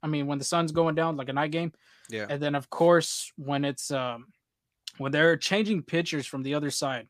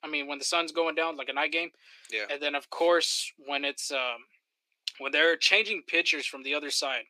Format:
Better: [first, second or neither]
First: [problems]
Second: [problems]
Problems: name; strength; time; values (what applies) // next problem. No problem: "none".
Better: first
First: none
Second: thin; somewhat; fading below 350 Hz